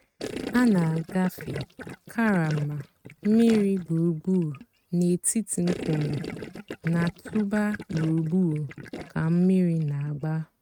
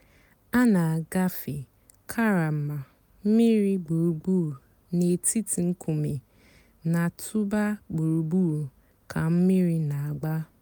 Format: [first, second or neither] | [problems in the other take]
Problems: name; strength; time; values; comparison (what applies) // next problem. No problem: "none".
second | noise reduction (neural mask model RNNoise)